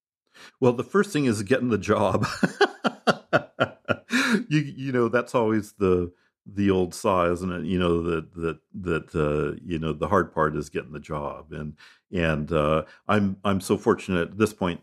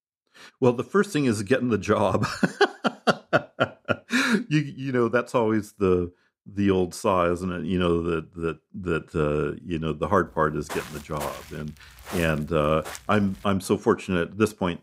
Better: first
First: none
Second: footsteps; faint; from 10 to 13 s; peak 10 dB below the speech

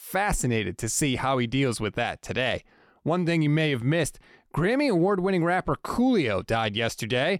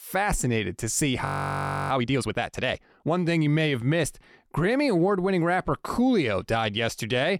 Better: first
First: none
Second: audio freezing; at 1.5 s for 0.5 s

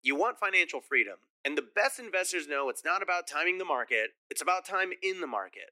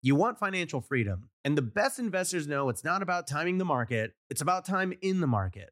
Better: second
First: thin; very; fading below 350 Hz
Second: none

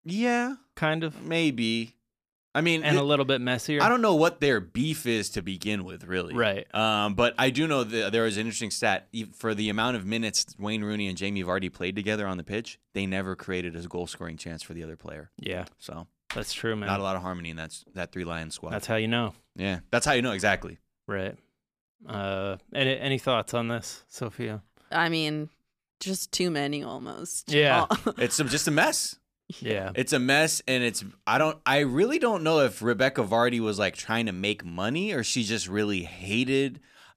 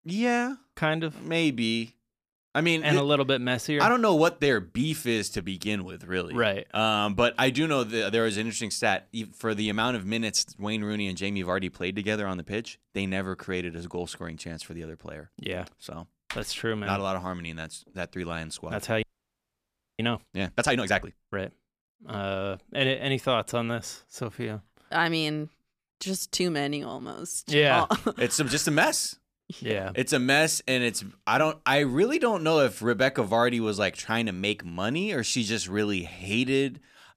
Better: first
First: none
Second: audio freezing; at 19 s for 1 s

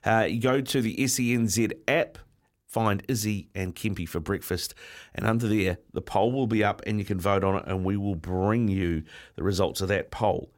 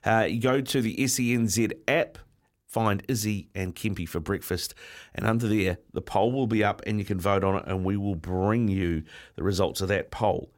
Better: neither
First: none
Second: none

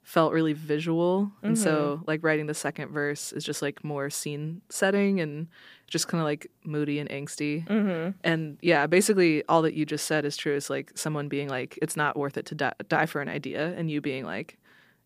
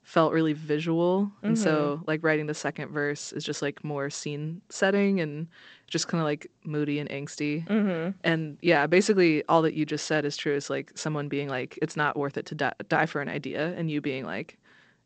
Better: first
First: none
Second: garbled, watery; slightly; nothing above 8 kHz

